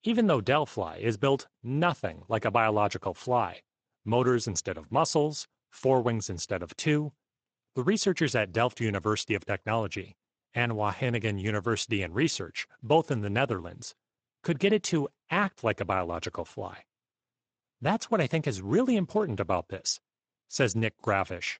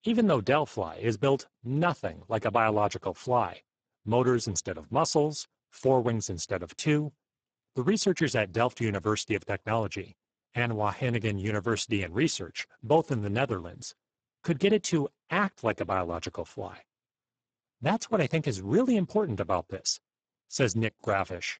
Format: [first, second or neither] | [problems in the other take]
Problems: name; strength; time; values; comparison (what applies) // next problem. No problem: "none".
first | garbled, watery; badly; nothing above 7.5 kHz; slightly in the first